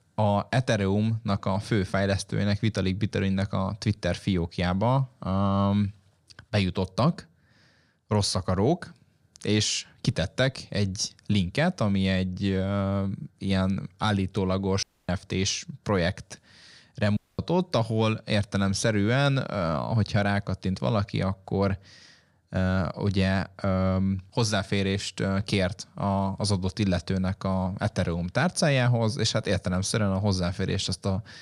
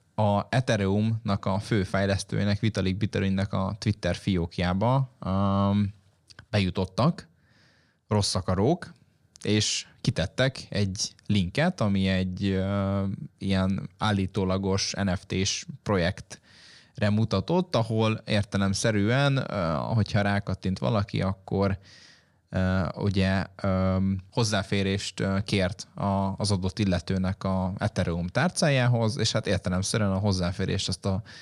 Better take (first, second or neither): second